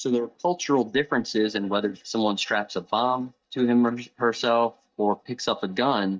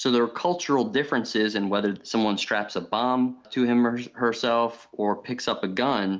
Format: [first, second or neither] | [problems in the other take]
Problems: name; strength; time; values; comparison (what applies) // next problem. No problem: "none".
second | noise reduction (neural mask model DeepFilterNet 3)